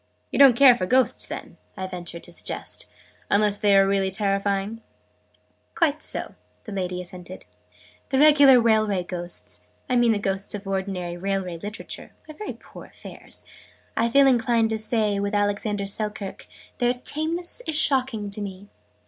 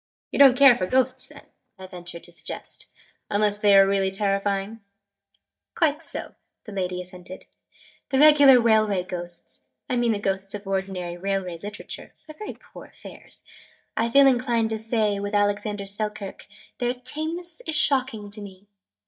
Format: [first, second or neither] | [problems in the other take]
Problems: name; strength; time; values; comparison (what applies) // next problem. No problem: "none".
first | noise reduction (neural mask model DeepFilterNet 3)